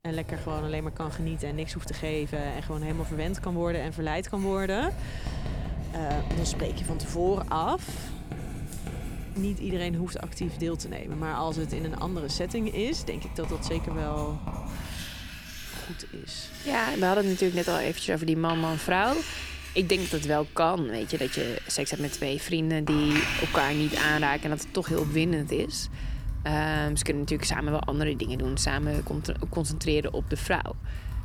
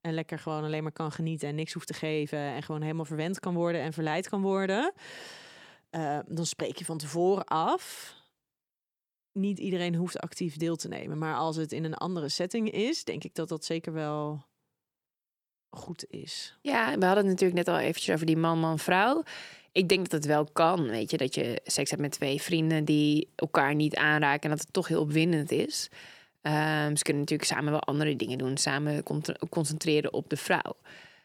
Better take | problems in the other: second | household noises; loud; throughout; 7 dB below the speech

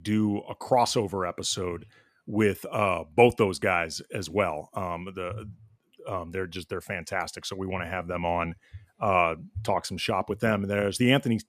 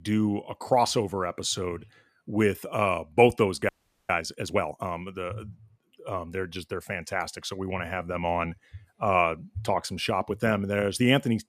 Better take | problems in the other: first | audio freezing; at 3.5 s

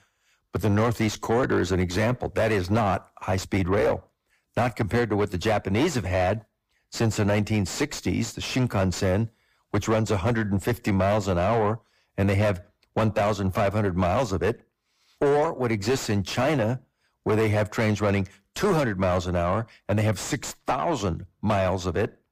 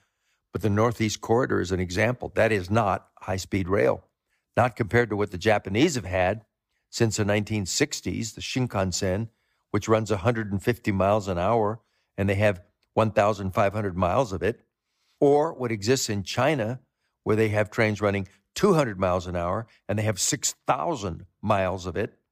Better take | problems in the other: second | distortion; heavy; 6 dB below the speech

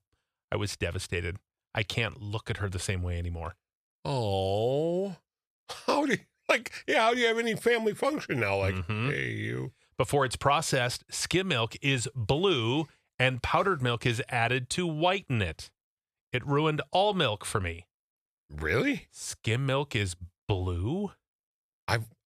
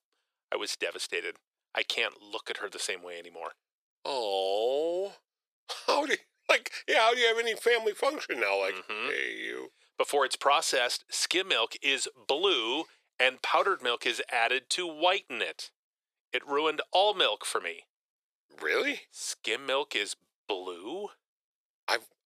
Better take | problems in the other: first | thin; very; fading below 350 Hz

